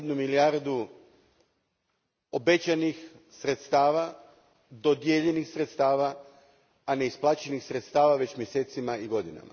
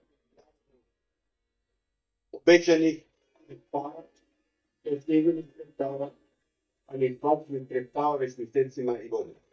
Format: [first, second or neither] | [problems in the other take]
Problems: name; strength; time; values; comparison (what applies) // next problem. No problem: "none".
first | noise reduction (neural mask model DeepFilterNet 3)